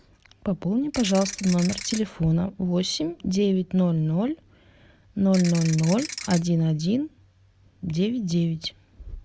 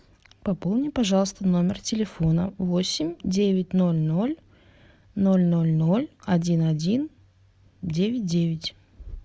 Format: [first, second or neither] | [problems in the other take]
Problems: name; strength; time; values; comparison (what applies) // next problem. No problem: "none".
second | background sound (Ratchet, pawl / Percussion); 11 dB below the speech